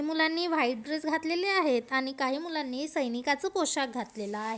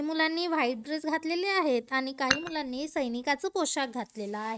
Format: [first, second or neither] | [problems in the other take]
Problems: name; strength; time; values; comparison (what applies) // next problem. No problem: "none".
first | noise reduction (neural mask model RNNoise)